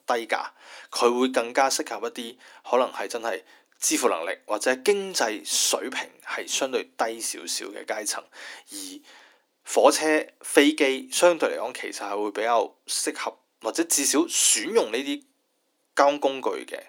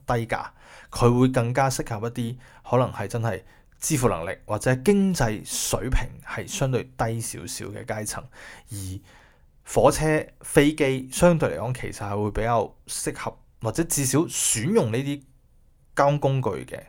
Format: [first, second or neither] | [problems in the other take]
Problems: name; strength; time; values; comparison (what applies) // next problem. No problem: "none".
second | thin; somewhat; fading below 300 Hz